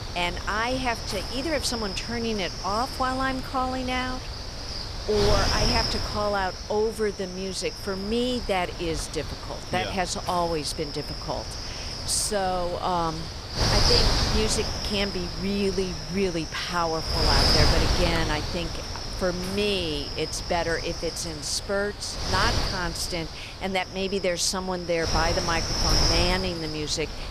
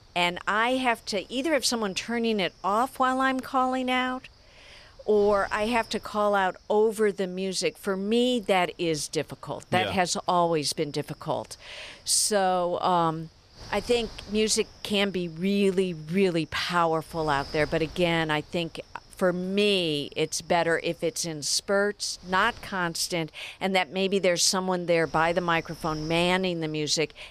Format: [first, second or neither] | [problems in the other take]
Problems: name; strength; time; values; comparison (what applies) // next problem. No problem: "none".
second | wind noise on the microphone; heavy; 2 dB below the speech; occasional gusts in the second